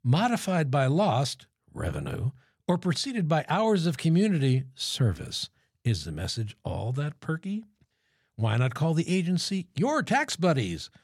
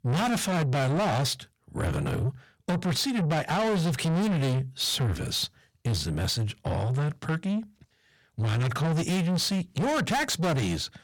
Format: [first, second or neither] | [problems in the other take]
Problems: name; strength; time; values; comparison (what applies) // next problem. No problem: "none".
first | distortion; heavy; 6 dB below the speech